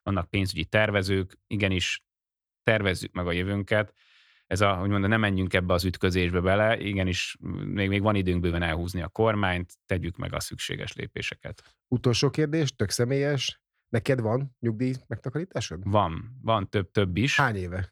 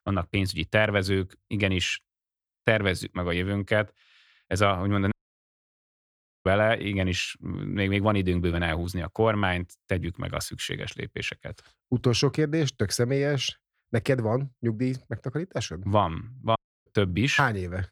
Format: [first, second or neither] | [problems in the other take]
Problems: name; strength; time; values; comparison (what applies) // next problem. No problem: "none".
first | audio cutting out; at 5 s for 1.5 s and at 17 s